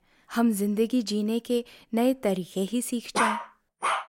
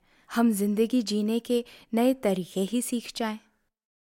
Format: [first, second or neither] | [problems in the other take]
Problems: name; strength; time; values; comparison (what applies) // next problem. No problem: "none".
second | dog barking; loud; at 3 s; peak 1 dB above the speech